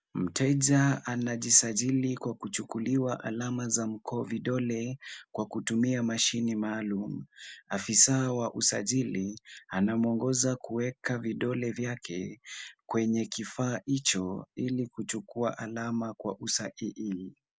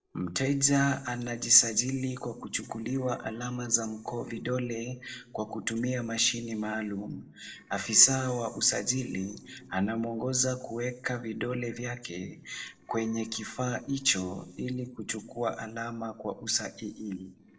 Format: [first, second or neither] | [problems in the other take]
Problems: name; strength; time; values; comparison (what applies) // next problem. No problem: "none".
first | noise reduction (neural separator model SepFormer DNS4)